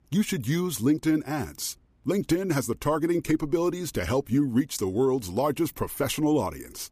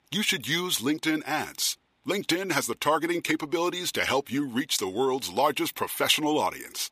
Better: first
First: none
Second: thin; somewhat; fading below 600 Hz

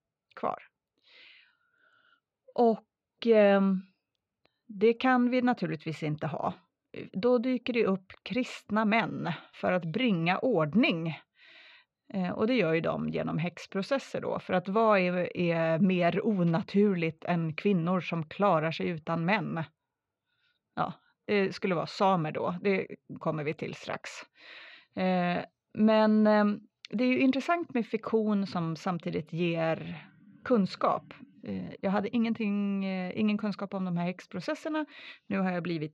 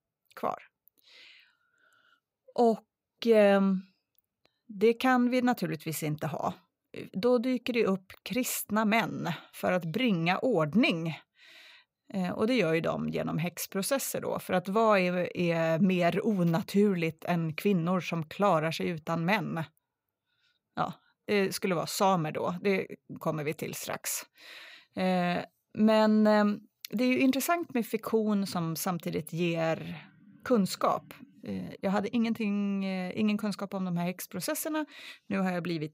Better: second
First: muffled; very slightly; fading above 4 kHz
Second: none

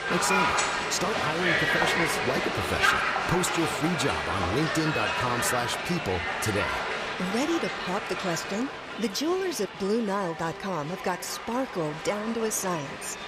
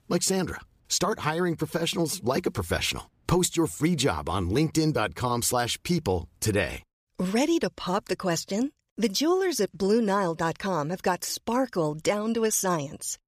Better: second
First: crowd noise; very loud; throughout; 1 dB above the speech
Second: none

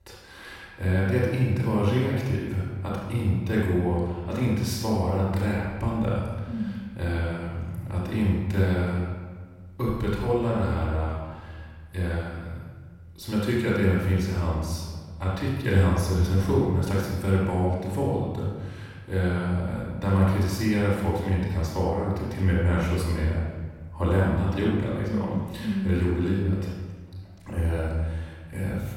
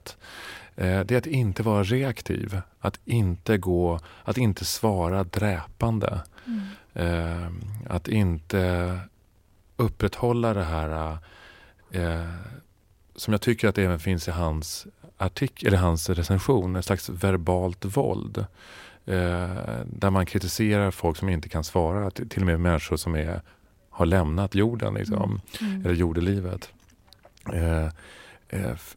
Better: second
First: room echo; strong; dies away in 1.4 s // off-mic speech; far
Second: none

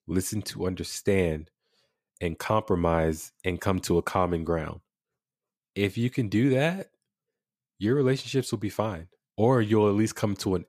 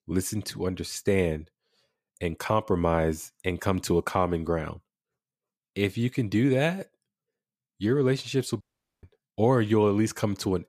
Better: first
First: none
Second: audio cutting out; at 8.5 s

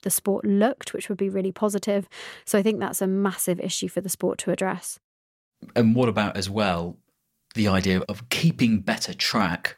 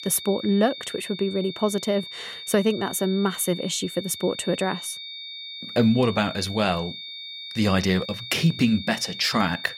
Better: first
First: none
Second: high-pitched whine; noticeable; throughout; 3.5 kHz, 10 dB below the speech

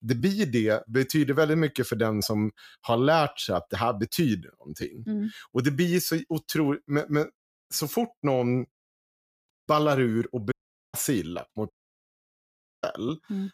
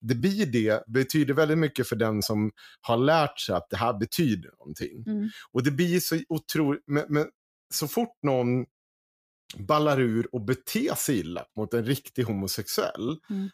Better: second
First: audio cutting out; at 9.5 s, at 11 s and at 12 s for 1 s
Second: none

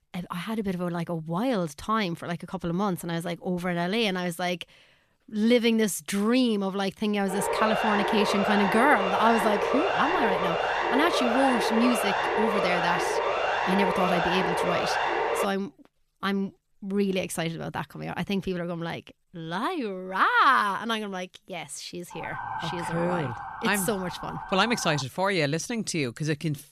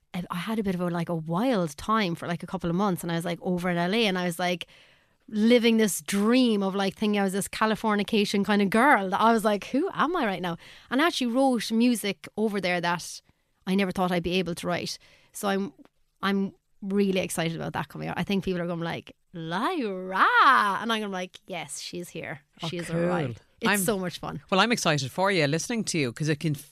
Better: second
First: siren; loud; from 7.5 to 15 s; peak 2 dB above the speech // siren; noticeable; from 22 to 25 s; peak 6 dB below the speech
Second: none

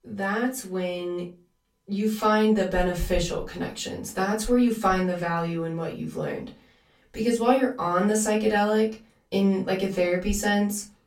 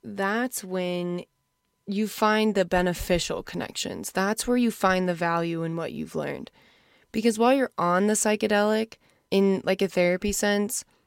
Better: second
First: off-mic speech; far // room echo; very slight; dies away in 0.2 s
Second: none

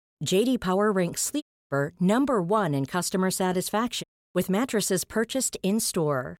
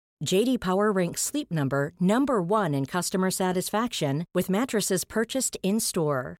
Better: second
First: audio cutting out; at 1.5 s and at 4 s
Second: none

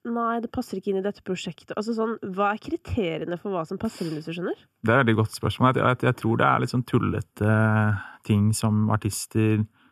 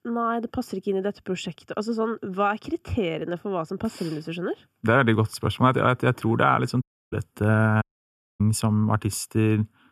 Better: first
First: none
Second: audio cutting out; at 7 s and at 8 s for 0.5 s

